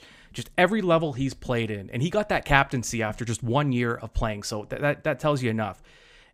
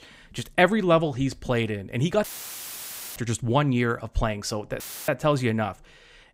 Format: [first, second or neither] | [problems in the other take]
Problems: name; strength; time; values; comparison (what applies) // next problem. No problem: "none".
first | audio cutting out; filled with static; at 2 s for 1 s and at 5 s